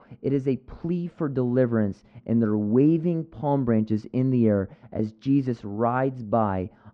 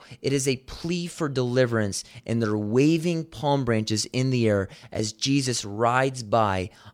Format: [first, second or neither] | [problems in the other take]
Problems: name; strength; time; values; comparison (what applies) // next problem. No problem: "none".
second | muffled; very; fading above 1 kHz